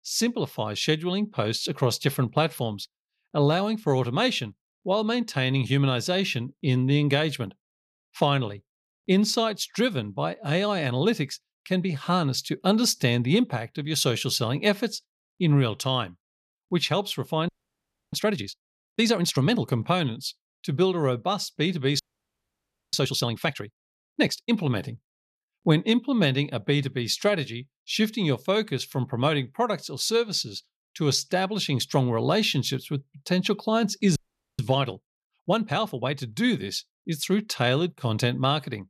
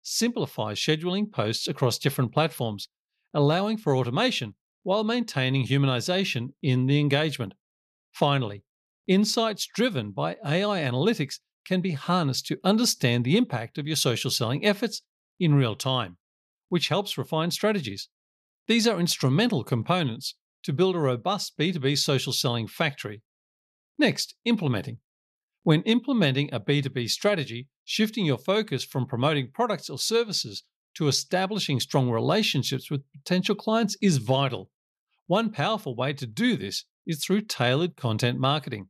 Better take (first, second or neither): second